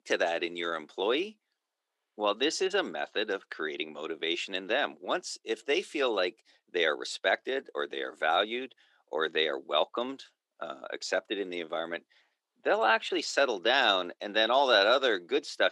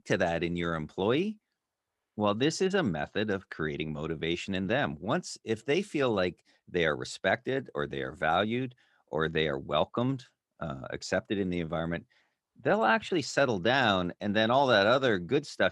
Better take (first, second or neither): second